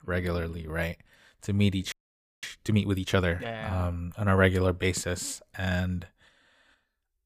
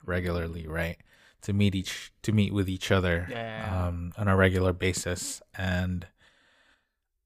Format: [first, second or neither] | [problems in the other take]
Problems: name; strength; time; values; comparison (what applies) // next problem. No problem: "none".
second | audio freezing; at 2 s for 0.5 s